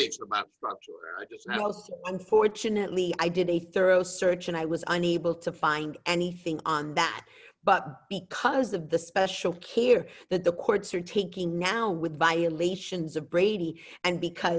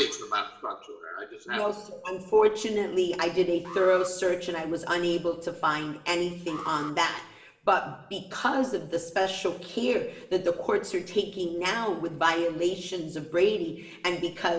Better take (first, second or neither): first